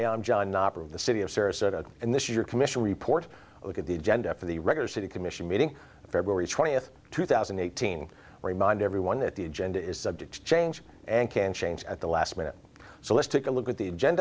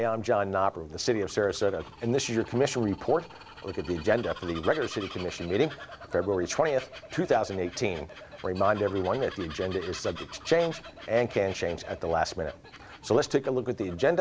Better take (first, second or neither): first